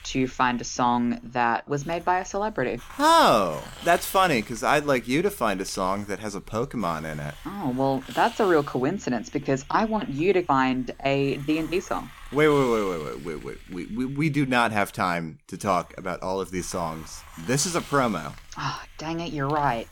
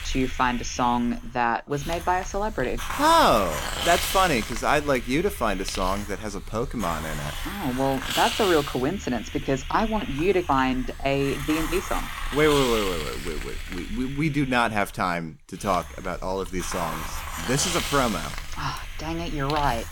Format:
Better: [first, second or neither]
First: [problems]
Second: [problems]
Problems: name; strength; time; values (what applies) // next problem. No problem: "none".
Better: first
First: hiss; faint; throughout; 20 dB below the speech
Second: hiss; loud; throughout; 7 dB below the speech